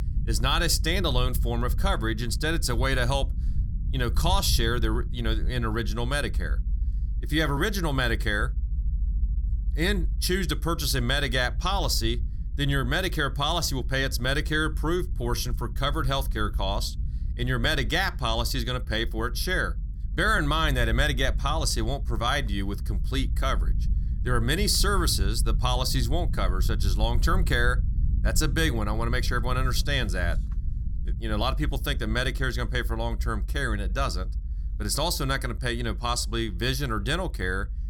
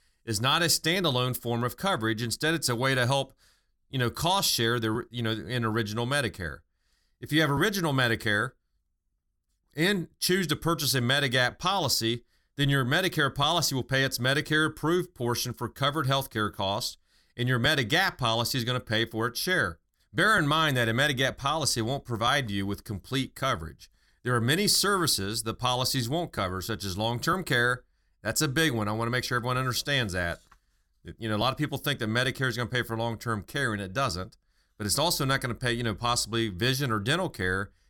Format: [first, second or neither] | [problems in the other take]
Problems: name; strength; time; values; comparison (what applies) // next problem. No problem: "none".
second | low rumble; faint; throughout; 20 dB below the speech